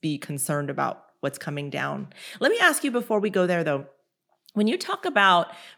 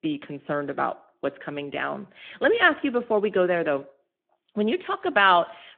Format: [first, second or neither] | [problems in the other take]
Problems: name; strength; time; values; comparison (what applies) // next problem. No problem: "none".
first | phone-call audio